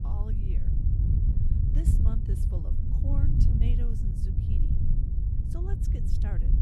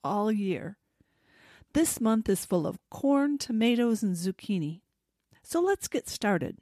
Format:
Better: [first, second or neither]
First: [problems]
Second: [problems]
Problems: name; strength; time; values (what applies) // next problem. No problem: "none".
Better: second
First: wind noise on the microphone; heavy; 5 dB above the speech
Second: none